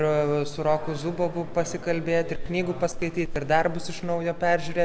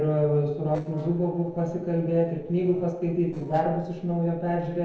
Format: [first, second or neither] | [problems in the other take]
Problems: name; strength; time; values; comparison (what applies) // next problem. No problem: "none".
first | noise reduction (neural separator model SepFormer DNS4)